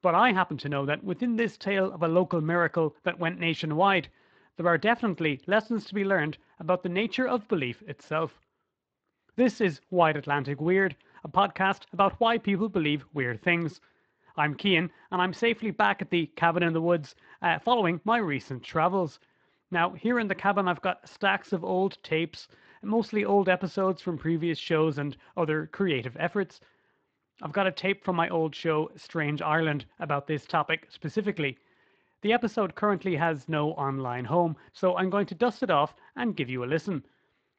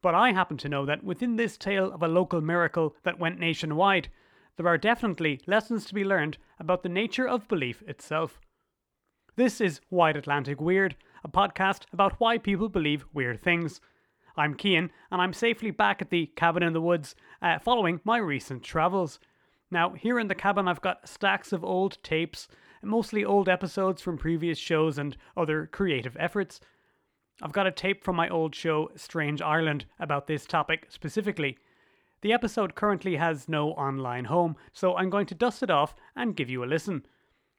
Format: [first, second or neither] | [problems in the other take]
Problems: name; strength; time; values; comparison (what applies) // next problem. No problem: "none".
second | garbled, watery; slightly